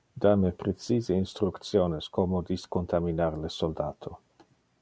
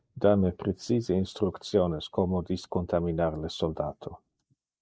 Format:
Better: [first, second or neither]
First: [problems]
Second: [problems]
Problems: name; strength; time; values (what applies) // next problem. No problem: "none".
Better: first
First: none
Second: noise reduction (neural mask model Resemble Enhance denoiser)